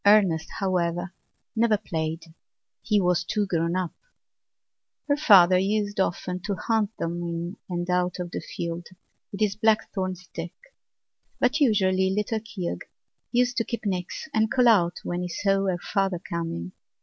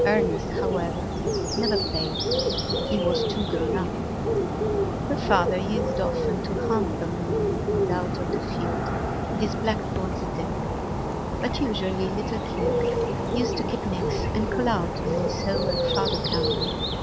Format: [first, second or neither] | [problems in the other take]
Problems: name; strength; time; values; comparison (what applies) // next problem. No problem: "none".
first | background sound (Bird); 5 dB above the speech